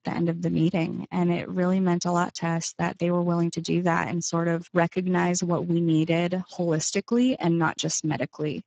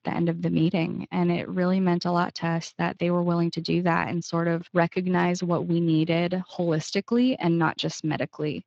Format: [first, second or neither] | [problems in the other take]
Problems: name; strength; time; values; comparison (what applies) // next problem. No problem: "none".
second | garbled, watery; badly; nothing above 7.5 kHz; slightly in the second